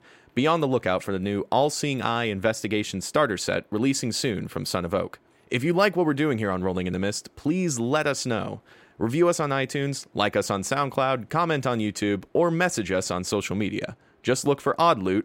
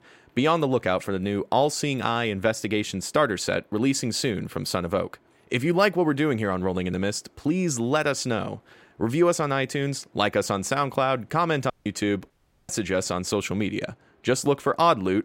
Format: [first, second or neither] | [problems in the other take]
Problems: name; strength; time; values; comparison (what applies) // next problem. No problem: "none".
first | audio cutting out; at 12 s